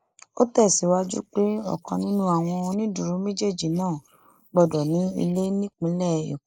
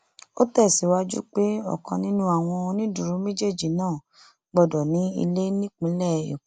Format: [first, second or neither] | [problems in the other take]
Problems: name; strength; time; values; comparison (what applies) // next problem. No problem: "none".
second | noise reduction (neural mask model Resemble Enhance denoiser)